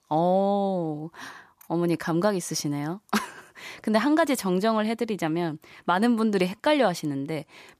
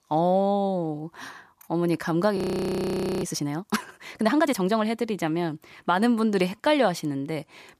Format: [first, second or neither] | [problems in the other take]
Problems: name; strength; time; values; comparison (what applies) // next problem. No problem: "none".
first | audio freezing; at 2.5 s for 1 s